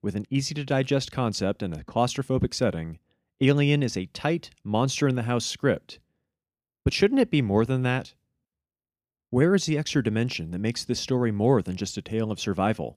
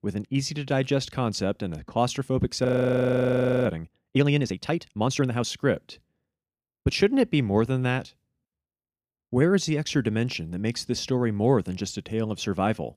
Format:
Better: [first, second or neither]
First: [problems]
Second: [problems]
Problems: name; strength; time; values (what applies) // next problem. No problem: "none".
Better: first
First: none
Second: audio freezing; at 2.5 s for 1 s